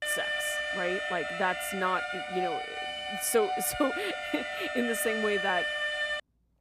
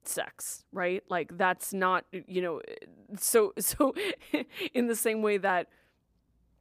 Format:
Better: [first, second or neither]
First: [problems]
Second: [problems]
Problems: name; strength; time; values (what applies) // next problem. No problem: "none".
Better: second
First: alarm; loud; peak 2 dB above the speech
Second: none